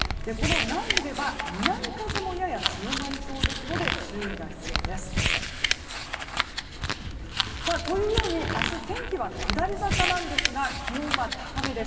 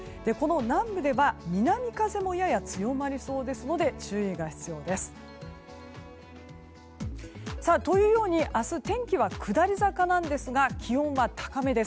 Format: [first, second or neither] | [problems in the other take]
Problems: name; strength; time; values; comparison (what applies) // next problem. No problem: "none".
second | background sound (Crumpling, crinkling); 2 dB above the speech // room echo; dies away in 2 s